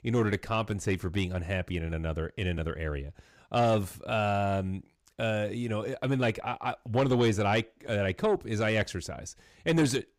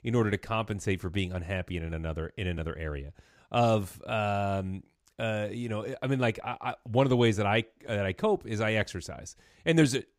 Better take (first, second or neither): second